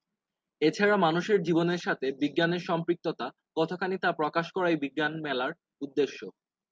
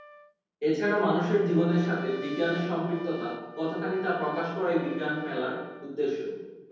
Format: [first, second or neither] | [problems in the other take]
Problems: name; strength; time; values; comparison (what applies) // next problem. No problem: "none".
first | background sound (Trumpet); 18 dB below the speech // room echo; dies away in 1.1 s